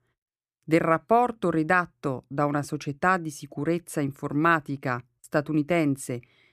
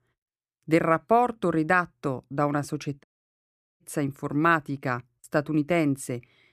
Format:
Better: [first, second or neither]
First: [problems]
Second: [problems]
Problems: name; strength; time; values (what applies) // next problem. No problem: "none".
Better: first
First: none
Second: audio cutting out; at 3 s for 1 s